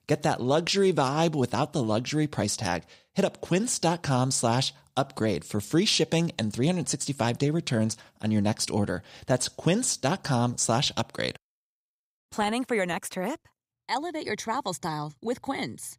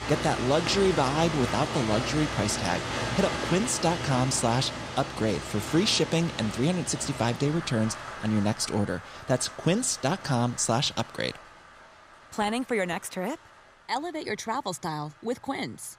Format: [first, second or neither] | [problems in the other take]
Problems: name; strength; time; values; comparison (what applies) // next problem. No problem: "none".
first | rain or running water; loud; throughout; 6 dB below the speech